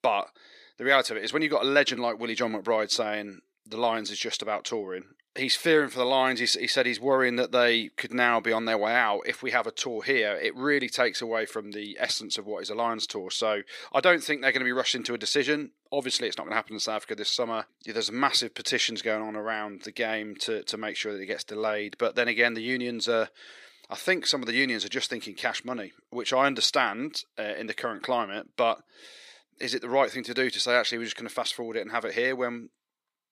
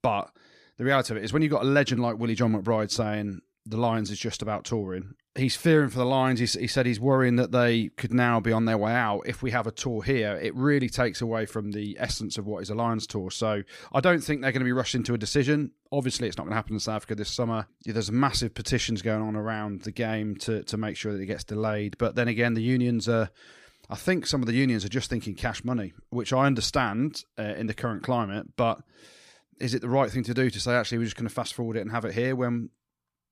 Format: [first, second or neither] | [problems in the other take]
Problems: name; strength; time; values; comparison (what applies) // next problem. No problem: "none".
second | thin; somewhat; fading below 450 Hz